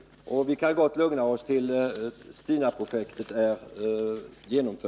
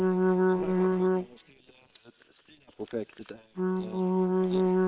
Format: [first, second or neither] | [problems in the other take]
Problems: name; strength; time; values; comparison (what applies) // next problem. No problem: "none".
first | noise reduction (neural separator model SepFormer WHAM!)